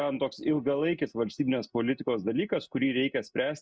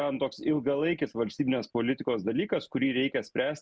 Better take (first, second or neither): second